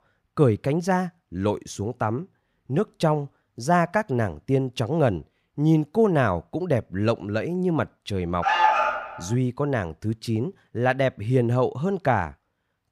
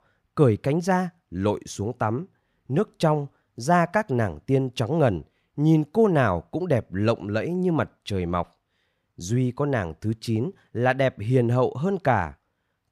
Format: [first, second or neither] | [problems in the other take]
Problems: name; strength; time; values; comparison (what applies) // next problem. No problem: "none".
second | alarm; loud; at 8.5 s; peak 5 dB above the speech